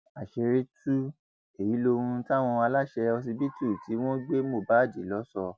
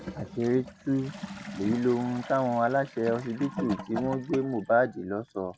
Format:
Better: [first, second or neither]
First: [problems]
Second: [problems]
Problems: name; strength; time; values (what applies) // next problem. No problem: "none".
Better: first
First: none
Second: background sound (Toilet flush / Gurgling); 12 dB below the speech